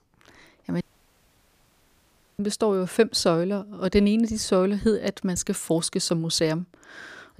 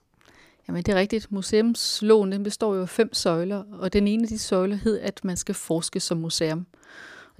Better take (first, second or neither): second